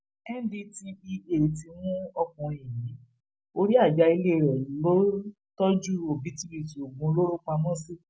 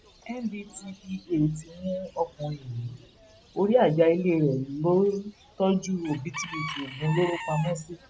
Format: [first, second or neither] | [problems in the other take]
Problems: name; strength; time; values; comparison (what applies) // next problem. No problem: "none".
first | background sound (Bird / Chicken, rooster); 16 dB below the speech